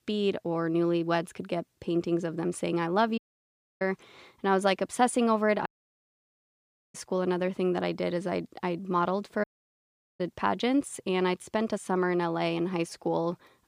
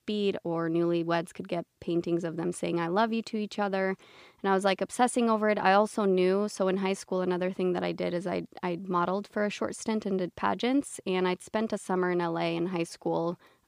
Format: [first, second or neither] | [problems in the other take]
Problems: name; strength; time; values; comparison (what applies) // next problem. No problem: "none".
second | audio cutting out; at 3 s for 0.5 s, at 5.5 s for 1.5 s and at 9.5 s for 1 s